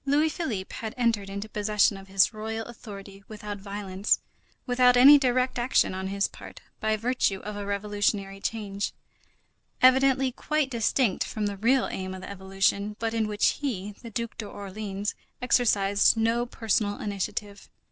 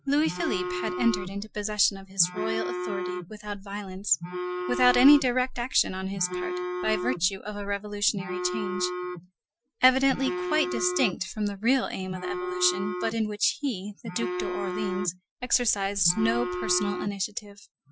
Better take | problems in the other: first | noise reduction (classical method Wiener filter)

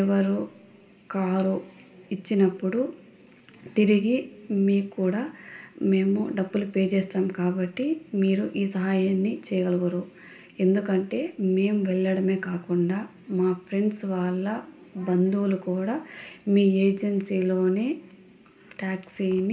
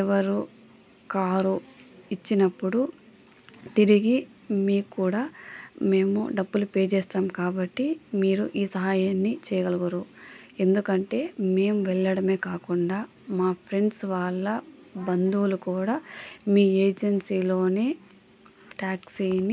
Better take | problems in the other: second | room echo; dies away in 1.9 s

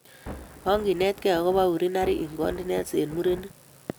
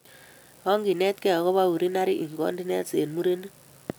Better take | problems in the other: second | background sound (Thunder); 14 dB below the speech

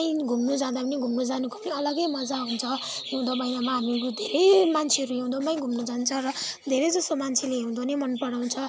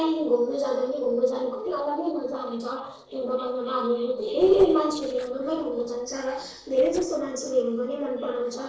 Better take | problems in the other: first | noise reduction (neural separator model SepFormer DNS4)

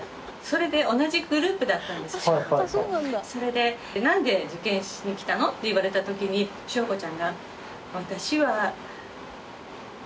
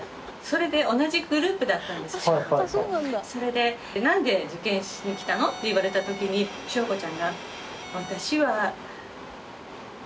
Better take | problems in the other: first | background sound (Bowed string instrument); 15 dB below the speech

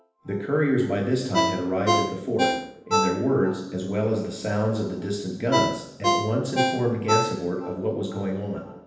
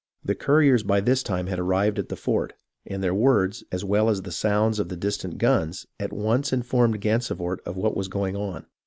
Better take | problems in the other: second | background sound (Ringtone); 3 dB below the speech // room echo; dies away in 0.9 s

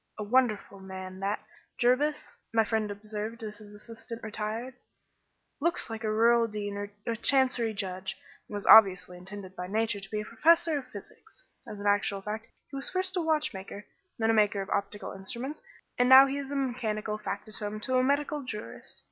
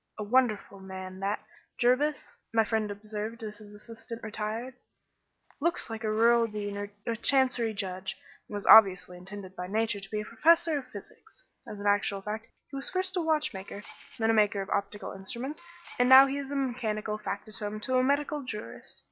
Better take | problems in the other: first | noise reduction (neural separator model SepFormer DNS4)

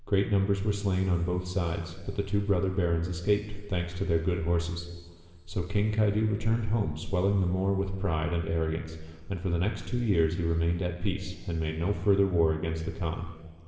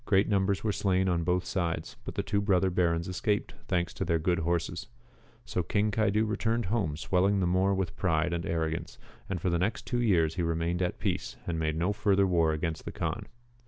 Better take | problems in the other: second | room echo; dies away in 2.1 s

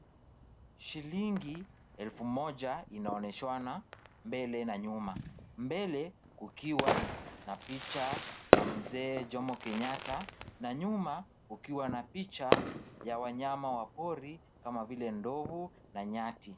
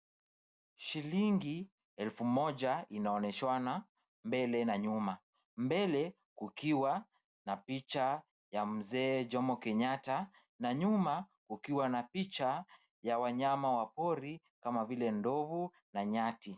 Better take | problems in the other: second | background sound (Fireworks); as loud as the speech

